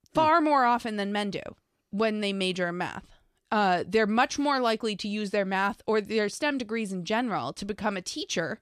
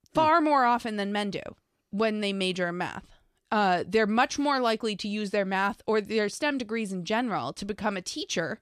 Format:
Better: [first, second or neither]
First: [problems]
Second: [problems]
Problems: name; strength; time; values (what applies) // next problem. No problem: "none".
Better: neither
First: none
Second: none